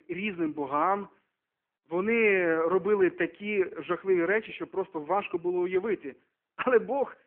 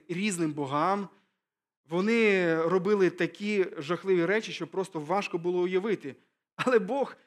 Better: second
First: phone-call audio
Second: none

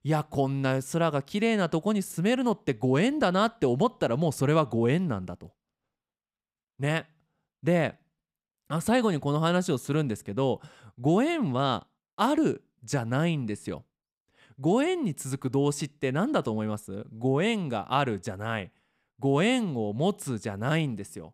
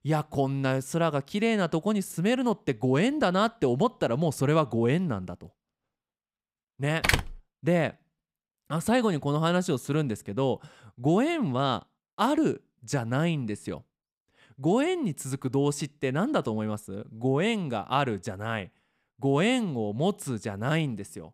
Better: first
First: none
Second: door banging; loud; at 7 s; peak 2 dB above the speech

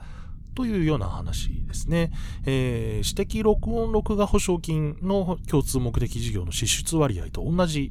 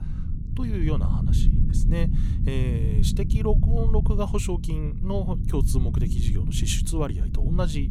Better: first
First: low rumble; faint; throughout; 20 dB below the speech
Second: low rumble; loud; throughout; 5 dB below the speech

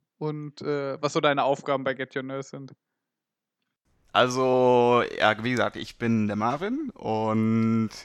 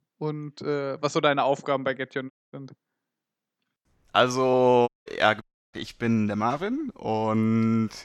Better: first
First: none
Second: audio cutting out; at 2.5 s, at 5 s and at 5.5 s

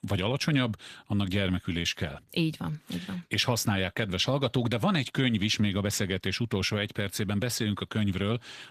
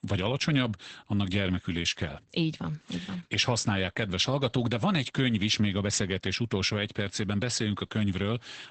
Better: first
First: garbled, watery; slightly; nothing above 14.5 kHz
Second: garbled, watery; badly; nothing above 8 kHz

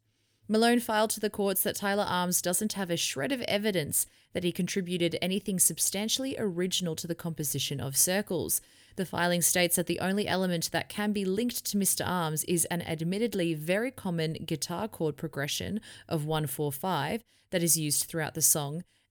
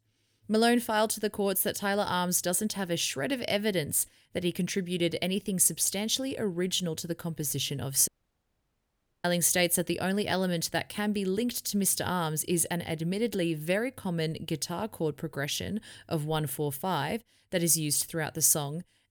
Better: first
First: none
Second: audio cutting out; at 8 s for 1 s

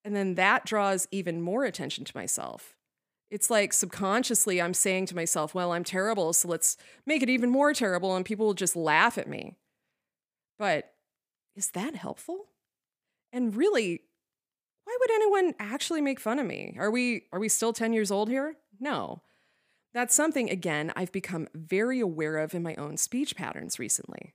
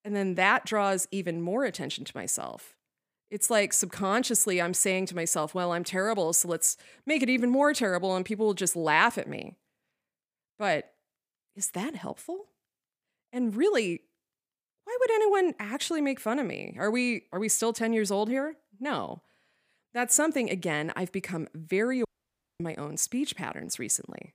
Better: first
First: none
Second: audio cutting out; at 22 s for 0.5 s

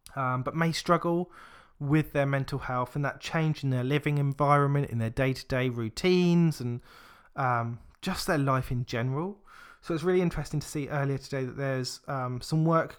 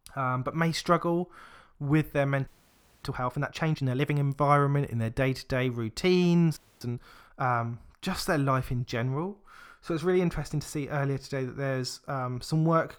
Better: first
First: none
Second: audio freezing; at 2.5 s for 0.5 s and at 6.5 s

